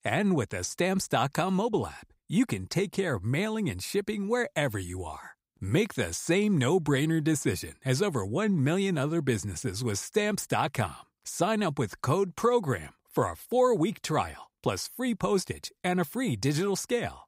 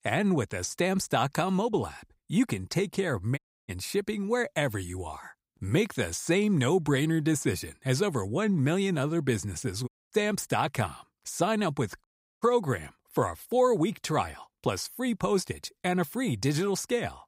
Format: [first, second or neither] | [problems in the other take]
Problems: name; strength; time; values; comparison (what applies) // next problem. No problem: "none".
first | audio cutting out; at 3.5 s, at 10 s and at 12 s